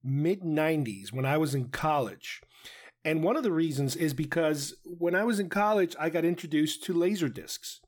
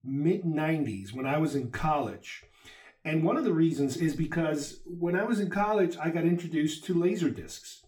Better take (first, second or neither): first